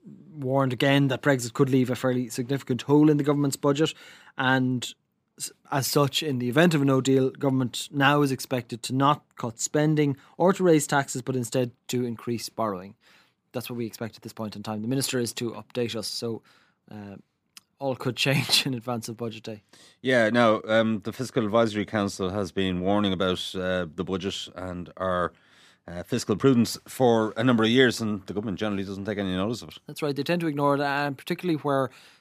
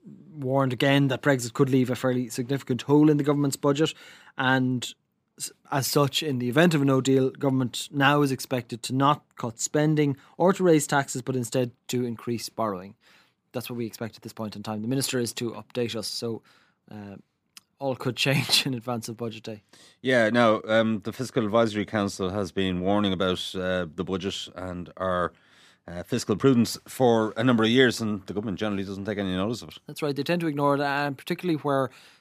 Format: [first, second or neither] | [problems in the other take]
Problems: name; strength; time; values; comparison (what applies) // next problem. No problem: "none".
neither | none